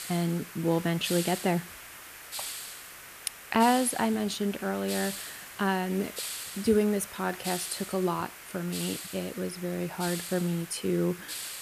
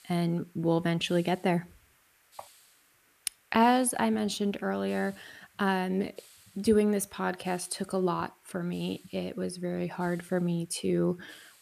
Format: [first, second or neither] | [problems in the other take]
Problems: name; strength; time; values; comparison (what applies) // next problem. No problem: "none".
second | hiss; loud; throughout; 9 dB below the speech; faint in the second